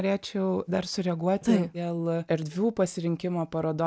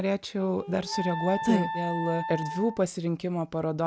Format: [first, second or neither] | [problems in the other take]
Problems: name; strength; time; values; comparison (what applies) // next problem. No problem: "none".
first | background sound (Wind instrument, woodwind instrument); 8 dB below the speech